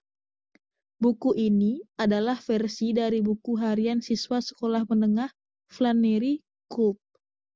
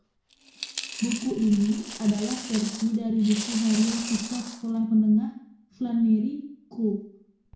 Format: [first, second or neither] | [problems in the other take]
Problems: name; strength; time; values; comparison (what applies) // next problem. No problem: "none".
first | background sound (Coin (dropping)); 13 dB below the speech // room echo; dies away in 0.6 s